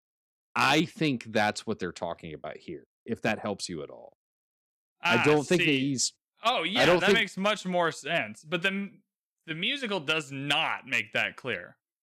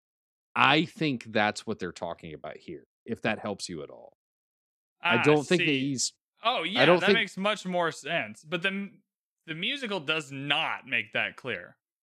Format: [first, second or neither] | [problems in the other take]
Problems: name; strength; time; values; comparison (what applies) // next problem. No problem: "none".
second | distortion; slight; 1.2% of the sound clipped